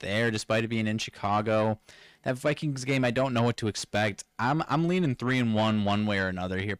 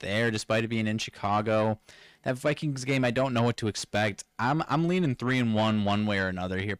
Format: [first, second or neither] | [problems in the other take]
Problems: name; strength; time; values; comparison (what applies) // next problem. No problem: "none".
neither | distortion; slight; 10 dB below the speech; the same in both